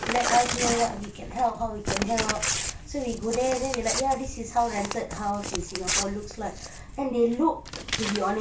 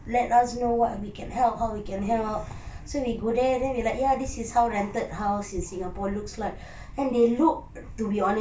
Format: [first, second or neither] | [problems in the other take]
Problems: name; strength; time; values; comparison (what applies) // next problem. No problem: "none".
second | background sound (Crumpling, crinkling / Tearing); 4 dB below the speech